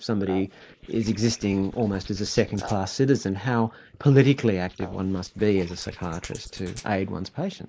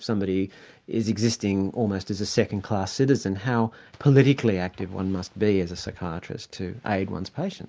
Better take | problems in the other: second | noise reduction (neural mask model Resemble Enhance denoiser)

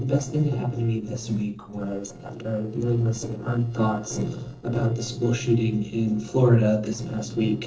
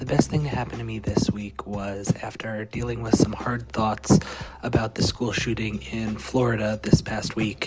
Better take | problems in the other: second | noise reduction (neural separator model SepFormer DNS4)

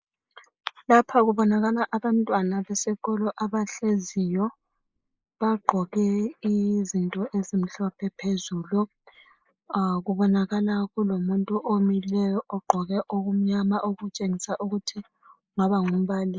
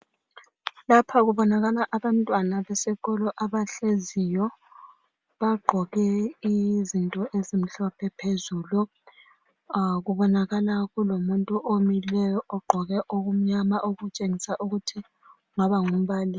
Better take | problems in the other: second | noise reduction (neural mask model Resemble Enhance denoiser)

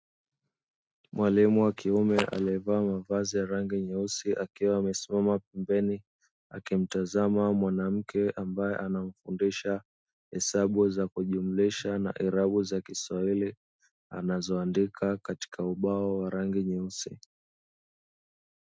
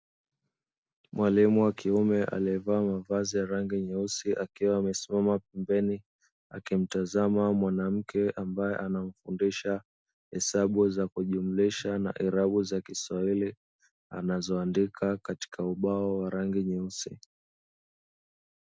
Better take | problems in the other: second | noise reduction (neural mask model RNNoise)

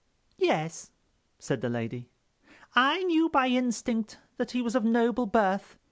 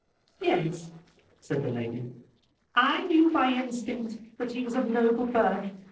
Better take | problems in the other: first | noise reduction (neural separator model SepFormer DNS4)

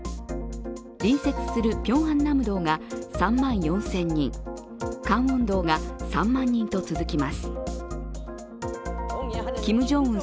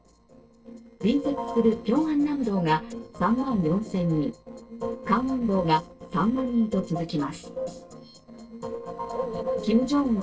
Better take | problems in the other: first | noise reduction (neural separator model SepFormer DNS4)

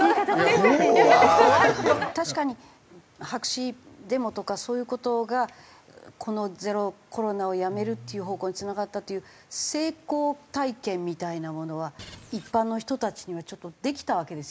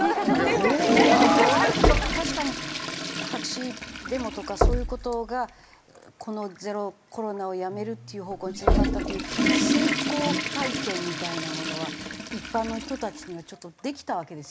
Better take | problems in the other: first | background sound (Toilet flush / Water + Knock); 1 dB above the speech

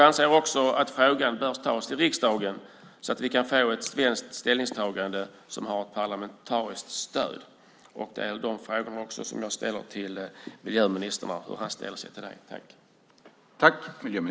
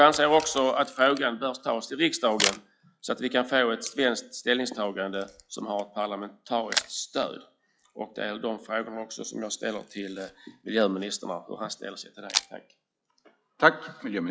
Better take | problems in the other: first | noise reduction (classical method log-MMSE)

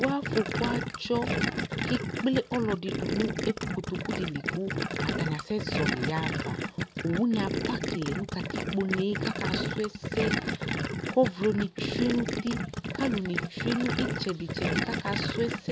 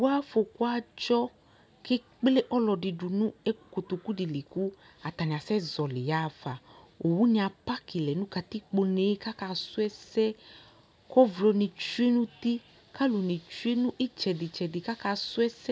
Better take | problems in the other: second | background sound (Gurgling); as loud as the speech

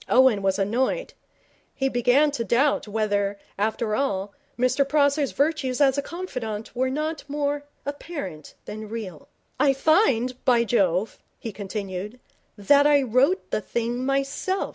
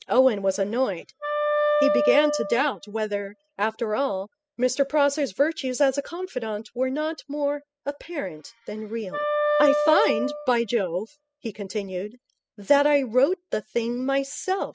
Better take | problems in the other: first | noise reduction (classical method spectral subtraction)

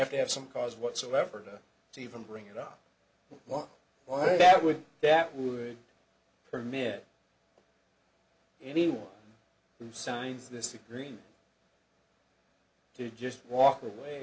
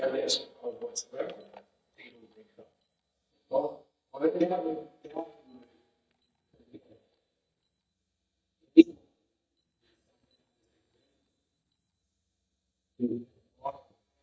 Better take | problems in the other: first | noise reduction (neural mask model DeepFilterNet 3)

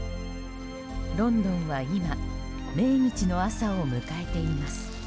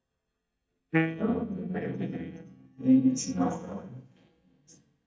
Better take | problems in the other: first | noise reduction (neural mask model DeepFilterNet 3)

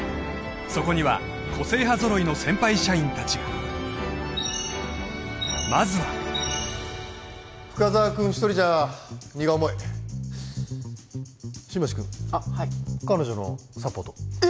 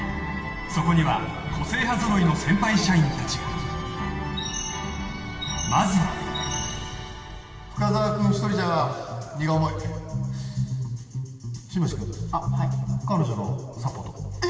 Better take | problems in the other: first | room echo; dies away in 2.5 s

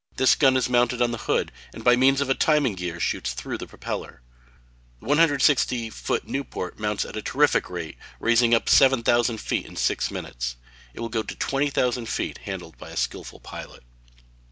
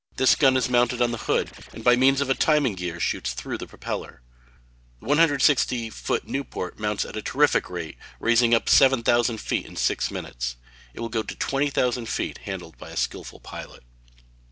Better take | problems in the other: first | noise reduction (neural separator model SepFormer DNS4)

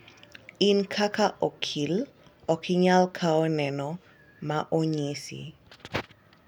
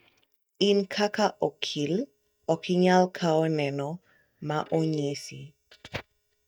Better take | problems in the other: first | noise reduction (neural mask model DeepFilterNet 3)

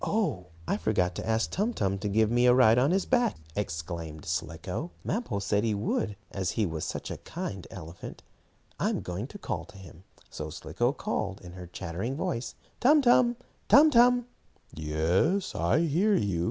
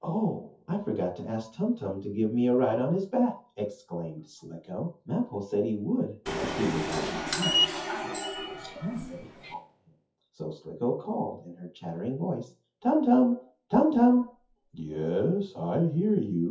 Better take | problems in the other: first | noise reduction (classical method WPE with log-MMSE)

